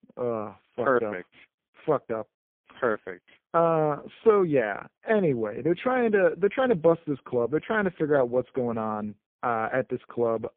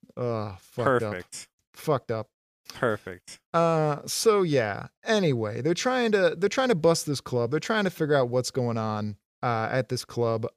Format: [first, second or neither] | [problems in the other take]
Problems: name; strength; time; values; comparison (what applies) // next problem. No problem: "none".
second | phone-call audio; poor line